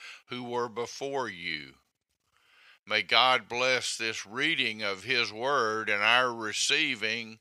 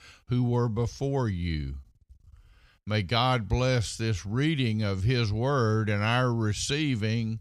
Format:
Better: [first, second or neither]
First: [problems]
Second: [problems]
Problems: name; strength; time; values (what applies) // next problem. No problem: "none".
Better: second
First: thin; very; fading below 500 Hz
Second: none